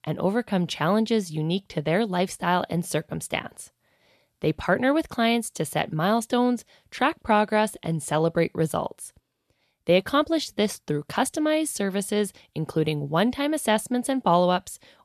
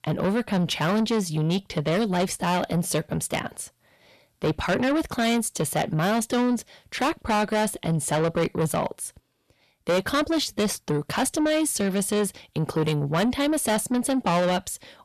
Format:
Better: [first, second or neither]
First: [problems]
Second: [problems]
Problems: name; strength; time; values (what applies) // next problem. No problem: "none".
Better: first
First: none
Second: distortion; heavy; 7 dB below the speech